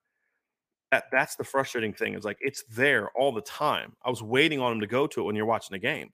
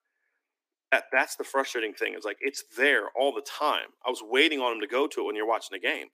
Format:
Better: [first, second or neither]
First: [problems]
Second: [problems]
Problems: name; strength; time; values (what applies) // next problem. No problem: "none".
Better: first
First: none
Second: thin; very slightly; fading below 250 Hz